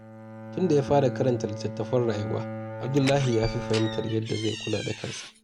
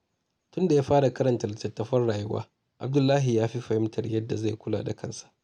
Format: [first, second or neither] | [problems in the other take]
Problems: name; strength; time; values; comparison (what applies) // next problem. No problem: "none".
second | background sound (Door + Bowed string instrument); 8 dB below the speech